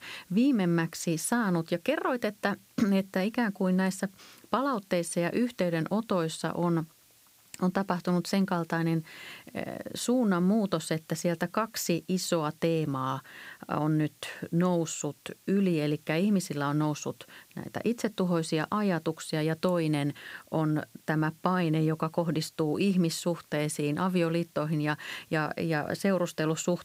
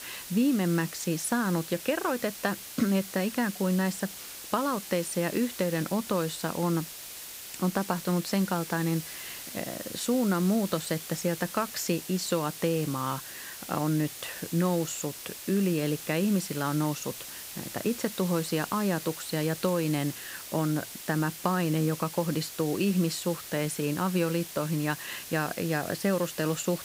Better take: first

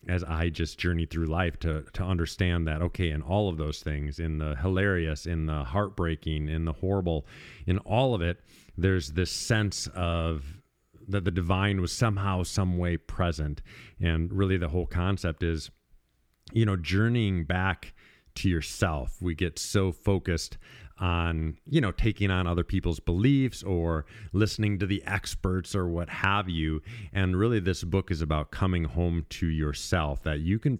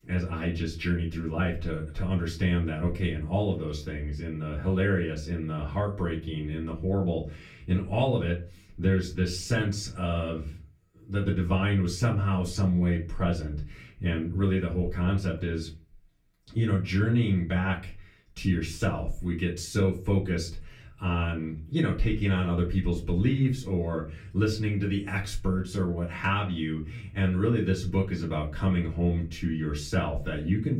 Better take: first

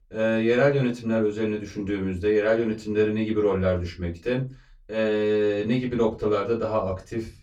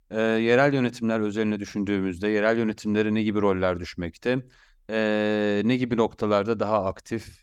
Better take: second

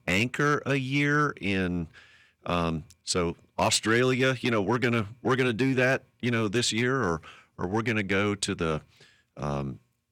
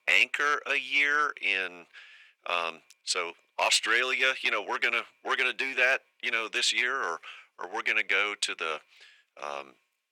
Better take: first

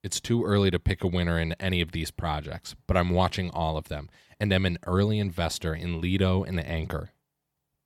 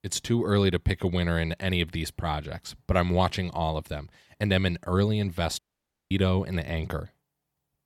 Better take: first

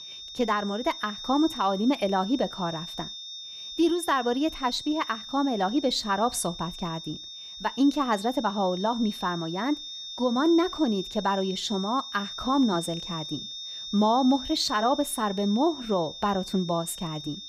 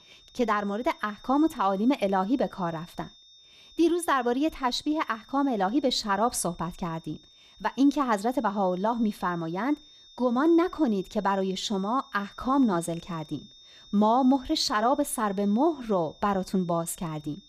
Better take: second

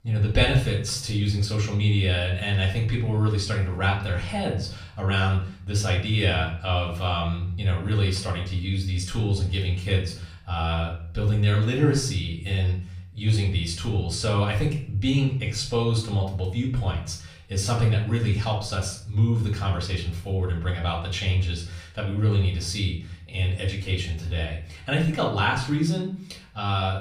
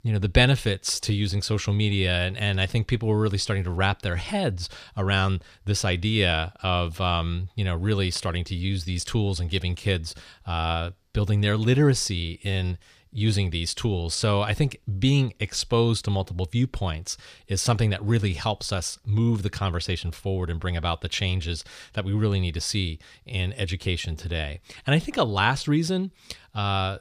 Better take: second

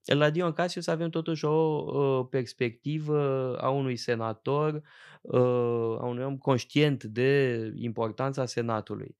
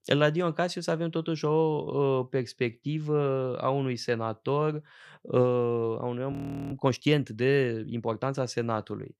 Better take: first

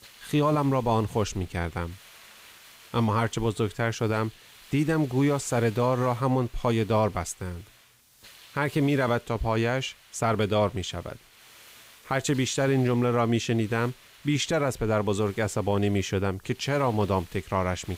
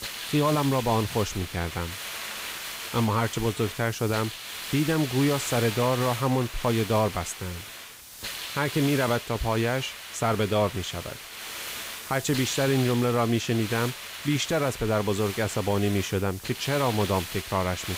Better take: first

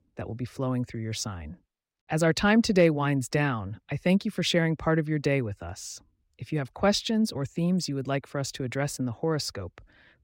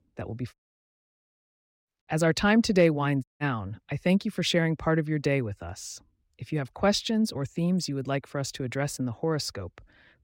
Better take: first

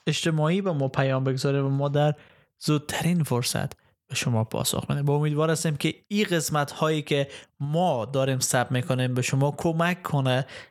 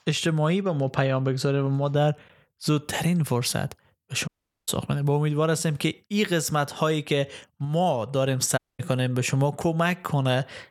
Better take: first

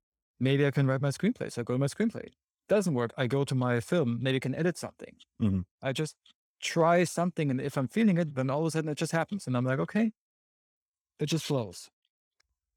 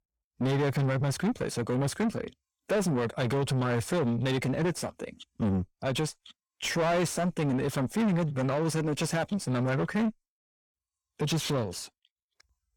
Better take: first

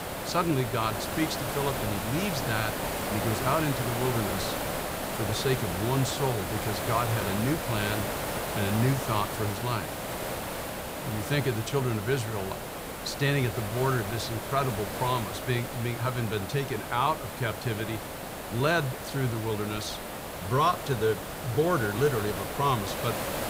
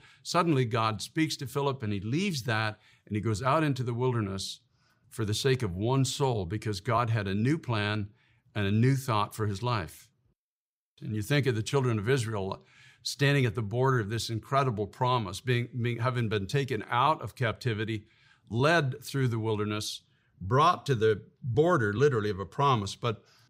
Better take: second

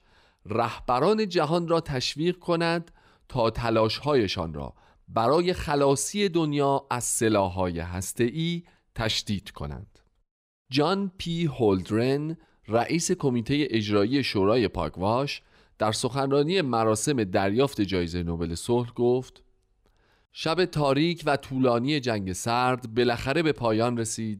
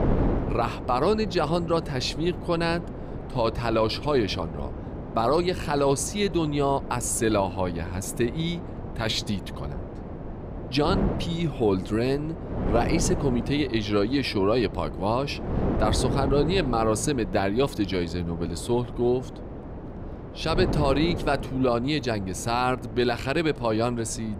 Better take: first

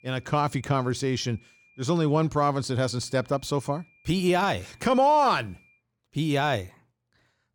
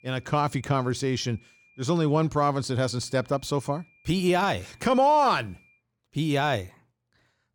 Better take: neither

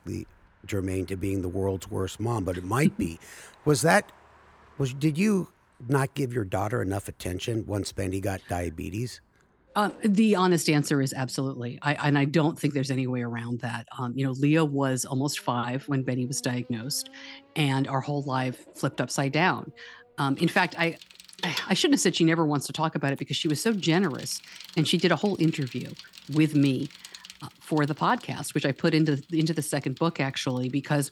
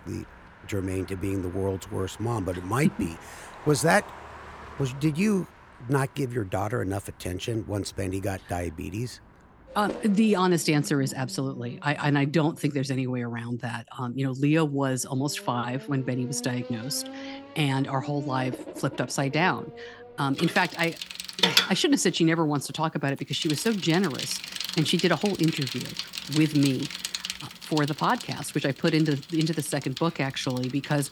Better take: first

